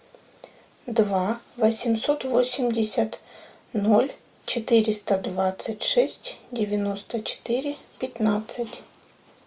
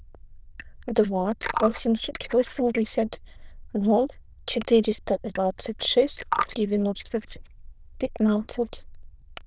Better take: first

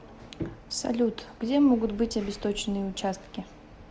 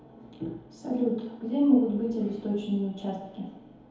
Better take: first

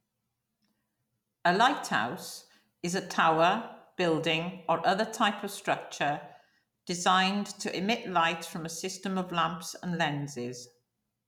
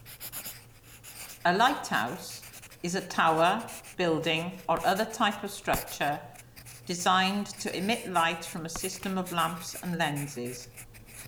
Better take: first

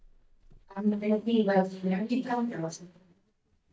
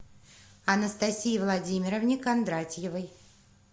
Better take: second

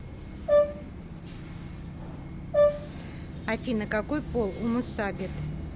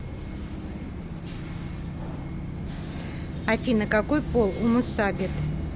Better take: second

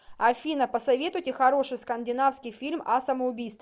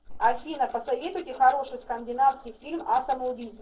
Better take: first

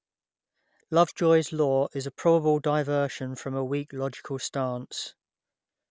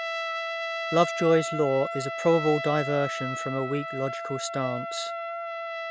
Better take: first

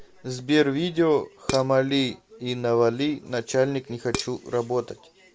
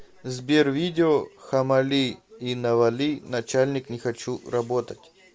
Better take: second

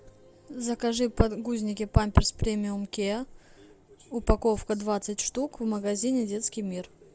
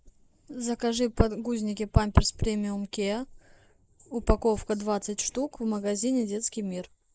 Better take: first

